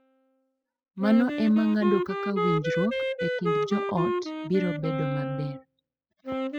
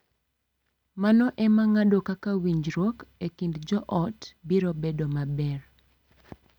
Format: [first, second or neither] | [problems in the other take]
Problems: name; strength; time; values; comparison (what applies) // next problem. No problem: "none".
second | noise reduction (classical method spectral subtraction)